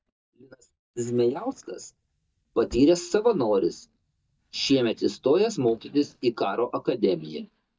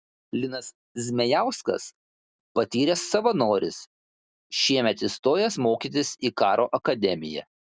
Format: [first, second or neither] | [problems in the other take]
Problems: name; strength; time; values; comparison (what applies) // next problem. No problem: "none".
second | noise reduction (neural mask model DeepFilterNet 3)